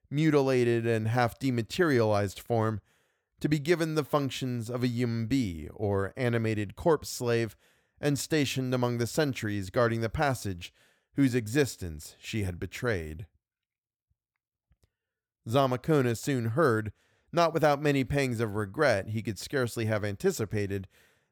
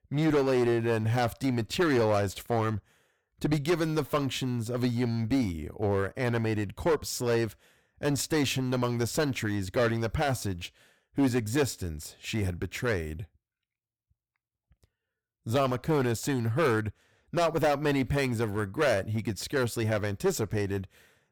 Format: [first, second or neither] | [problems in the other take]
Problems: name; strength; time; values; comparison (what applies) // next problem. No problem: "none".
first | distortion; heavy; 8% of the sound clipped